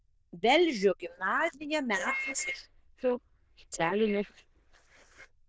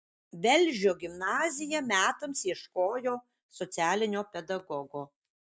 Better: second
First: noise reduction (neural diffusion model UNIVERSE++)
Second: none

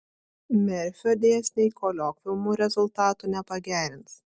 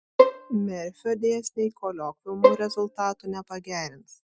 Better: first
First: none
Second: noise reduction (classical method Wiener filter)

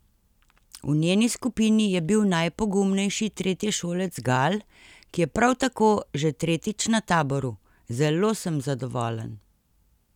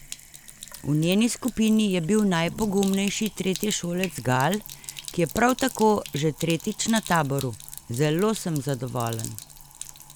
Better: first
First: none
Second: background sound (Sink (filling or washing)); 15 dB below the speech

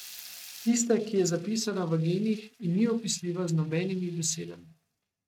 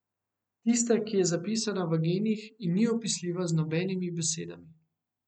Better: second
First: noise reduction (neural mask model RNNoise)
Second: none

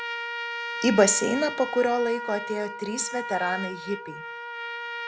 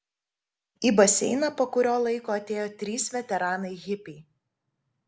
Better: second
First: background sound (Trumpet); 7 dB below the speech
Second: none

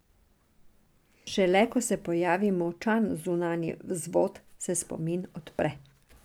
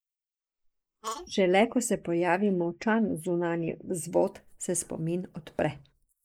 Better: first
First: none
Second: noise reduction (neural mask model Resemble Enhance denoiser)

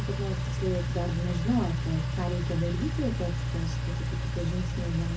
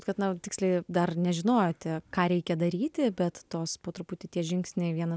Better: second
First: background sound (Engine); 2 dB above the speech // room echo; dies away in 0.4 s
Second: none

